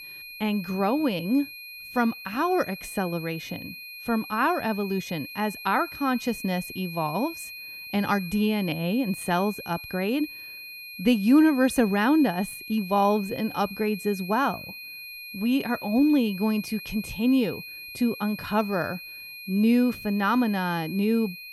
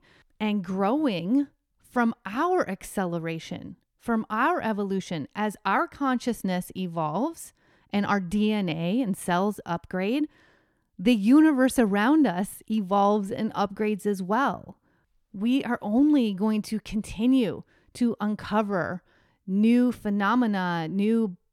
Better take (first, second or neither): second